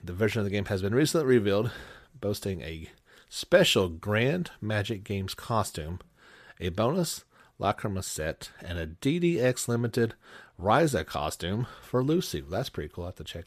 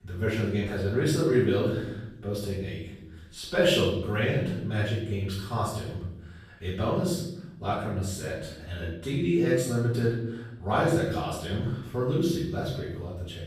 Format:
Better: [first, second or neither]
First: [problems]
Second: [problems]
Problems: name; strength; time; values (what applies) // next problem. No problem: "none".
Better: first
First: none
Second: off-mic speech; far // room echo; noticeable; dies away in 0.9 s